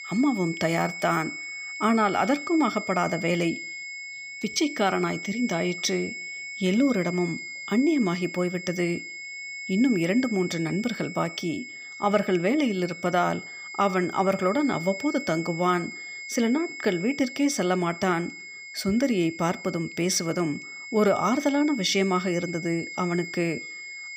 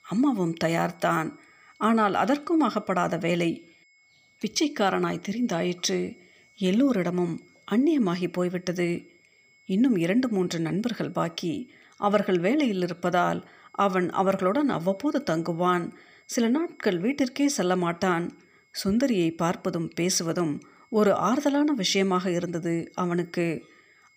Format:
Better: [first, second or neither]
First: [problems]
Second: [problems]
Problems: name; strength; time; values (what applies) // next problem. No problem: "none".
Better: second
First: high-pitched whine; loud; throughout; 2 kHz, 10 dB below the speech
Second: high-pitched whine; faint; throughout; 2 kHz, 35 dB below the speech